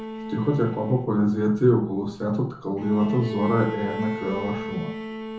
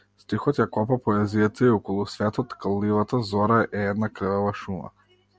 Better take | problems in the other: second | background sound (Bowed string instrument); 10 dB below the speech // room echo; dies away in 0.6 s

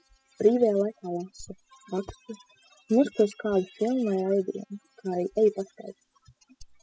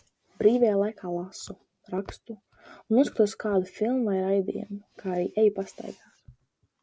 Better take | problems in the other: second | noise reduction (classical method spectral subtraction)

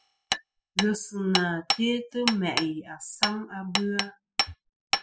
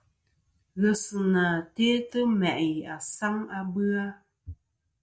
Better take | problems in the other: second | noise reduction (classical method spectral subtraction)

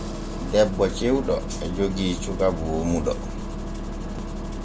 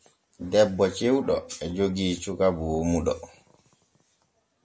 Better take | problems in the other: second | background sound (Engine starting); 4 dB below the speech

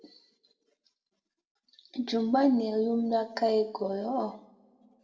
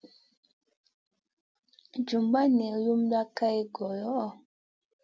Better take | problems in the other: second | room echo; dies away in 0.6 s

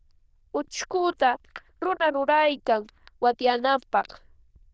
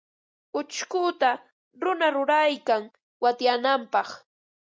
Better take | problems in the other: second | noise reduction (neural diffusion model UNIVERSE++)

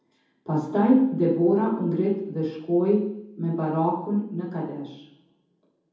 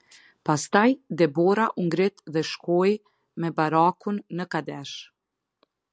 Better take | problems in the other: second | room echo; dies away in 0.9 s

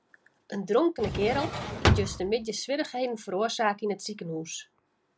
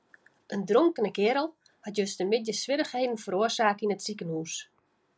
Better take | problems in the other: second | background sound (Drawer open or close); 2 dB above the speech

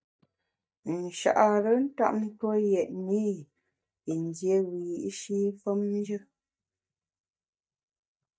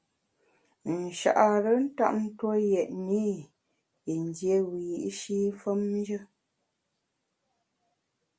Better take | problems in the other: second | noise reduction (neural mask model DeepFilterNet 3)

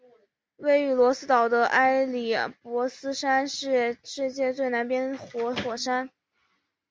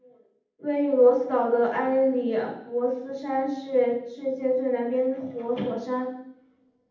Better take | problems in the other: first | room echo; dies away in 0.8 s

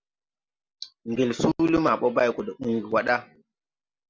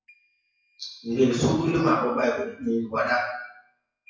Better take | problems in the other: first | noise reduction (classical method WPE with log-MMSE)

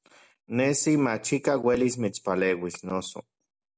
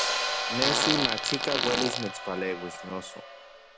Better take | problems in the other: first | background sound (Hi-hat + Fart); 3 dB above the speech

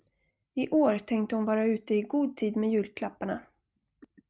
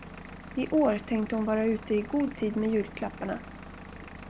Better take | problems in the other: first | background sound (Engine / Vehicle); 14 dB below the speech

